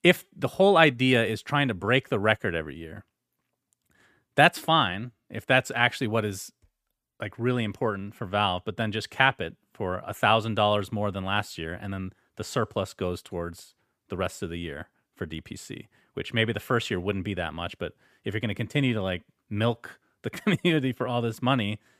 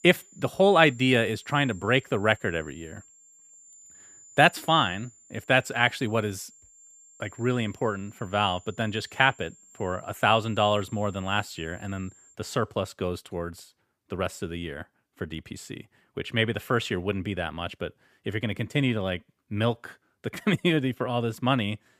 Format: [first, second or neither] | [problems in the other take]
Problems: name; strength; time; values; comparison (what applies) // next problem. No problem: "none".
first | high-pitched whine; faint; until 12 s; 7.5 kHz, 25 dB below the speech